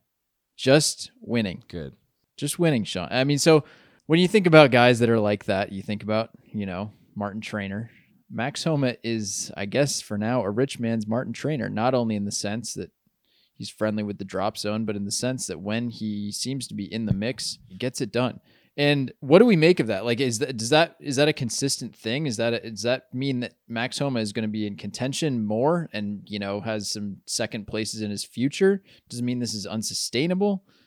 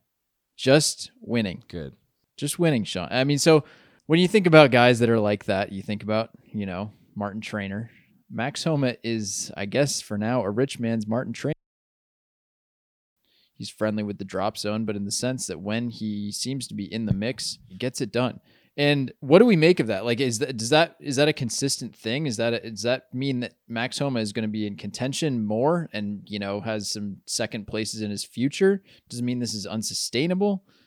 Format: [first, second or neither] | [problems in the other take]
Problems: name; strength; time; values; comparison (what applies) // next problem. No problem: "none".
first | audio cutting out; at 12 s for 1.5 s